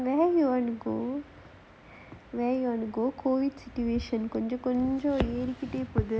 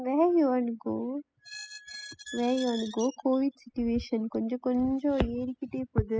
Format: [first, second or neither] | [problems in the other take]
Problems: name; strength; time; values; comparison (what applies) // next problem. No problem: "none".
first | noise reduction (classical method spectral subtraction)